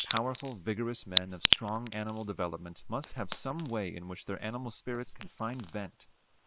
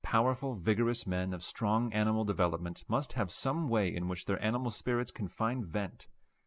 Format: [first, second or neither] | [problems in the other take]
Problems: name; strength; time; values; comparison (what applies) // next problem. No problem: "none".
second | noise reduction (neural separator model SepFormer WHAM!)